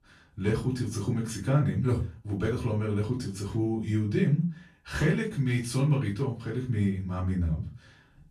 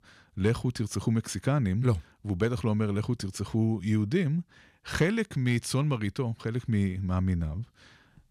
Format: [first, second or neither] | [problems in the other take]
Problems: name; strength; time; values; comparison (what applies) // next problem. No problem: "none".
second | off-mic speech; far // room echo; slight; dies away in 0.3 s